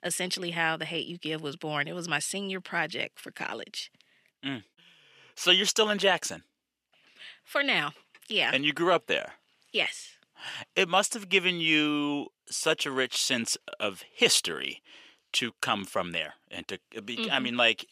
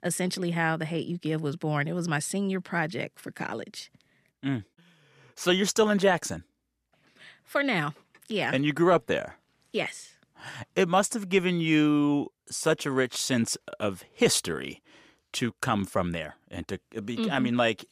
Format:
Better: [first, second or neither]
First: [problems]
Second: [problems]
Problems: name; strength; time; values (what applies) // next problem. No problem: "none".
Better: second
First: thin; very slightly; fading below 850 Hz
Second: none